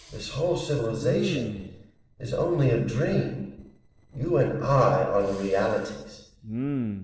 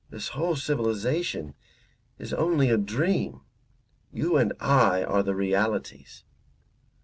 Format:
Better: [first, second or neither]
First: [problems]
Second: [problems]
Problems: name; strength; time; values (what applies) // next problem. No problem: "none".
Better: second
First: noise reduction (neural separator model SepFormer DNS4)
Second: none